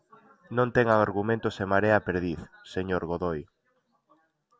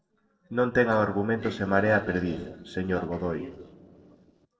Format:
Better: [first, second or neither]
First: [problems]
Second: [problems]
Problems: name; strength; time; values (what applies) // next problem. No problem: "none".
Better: first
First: none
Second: noise reduction (neural separator model SepFormer DNS4)